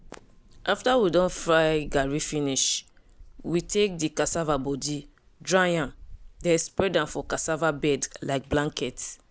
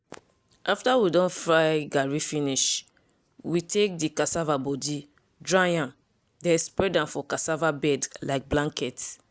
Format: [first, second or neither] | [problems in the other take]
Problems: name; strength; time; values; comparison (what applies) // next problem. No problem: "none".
second | background sound (Thunder / Rain); 19 dB below the speech